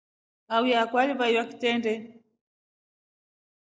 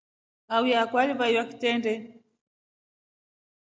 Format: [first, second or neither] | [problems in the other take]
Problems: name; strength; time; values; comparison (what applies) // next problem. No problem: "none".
second | noise reduction (neural mask model Resemble Enhance denoiser)